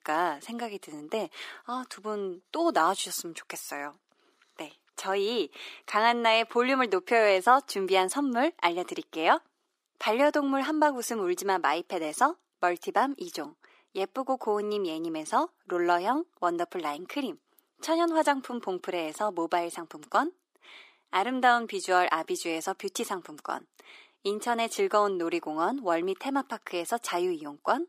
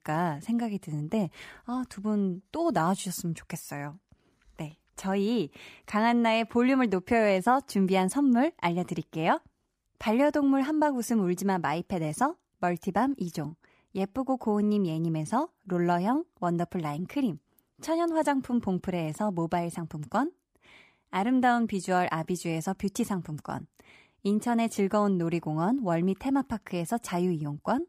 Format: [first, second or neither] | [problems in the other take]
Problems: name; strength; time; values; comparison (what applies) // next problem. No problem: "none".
second | thin; somewhat; fading below 350 Hz